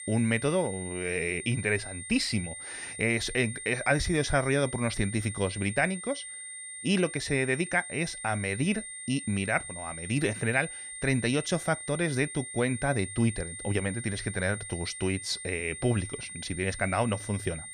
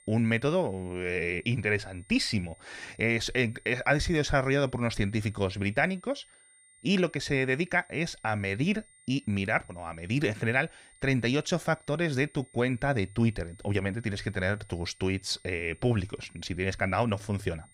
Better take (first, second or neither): second